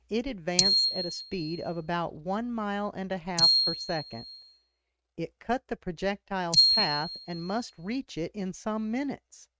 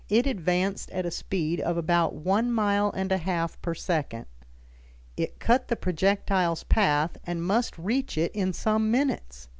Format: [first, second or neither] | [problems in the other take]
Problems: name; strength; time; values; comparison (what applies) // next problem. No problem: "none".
second | noise reduction (neural mask model RNNoise)